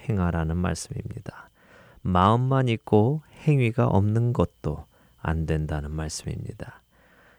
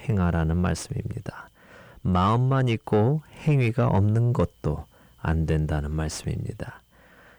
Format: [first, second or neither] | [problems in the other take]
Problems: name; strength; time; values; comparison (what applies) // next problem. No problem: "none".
first | distortion; slight; 10 dB below the speech